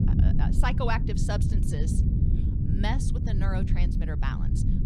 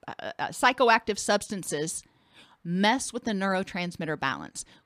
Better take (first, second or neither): second